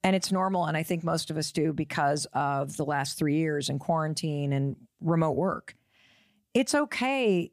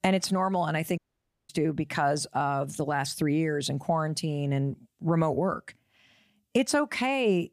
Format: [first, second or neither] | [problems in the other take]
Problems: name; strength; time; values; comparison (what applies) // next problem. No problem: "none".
first | audio cutting out; at 1 s for 0.5 s